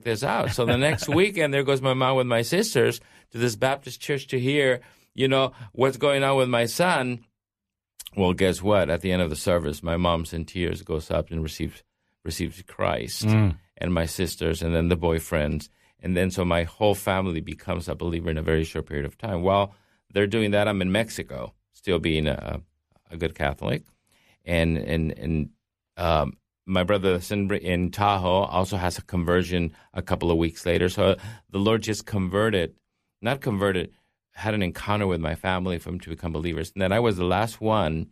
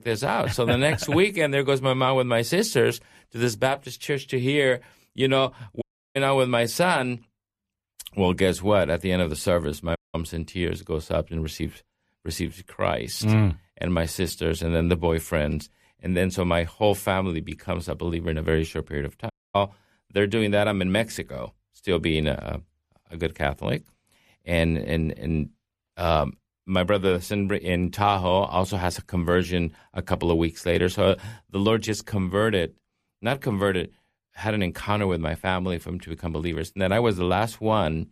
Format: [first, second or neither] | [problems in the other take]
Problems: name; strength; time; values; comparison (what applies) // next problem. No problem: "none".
first | audio cutting out; at 6 s, at 10 s and at 19 s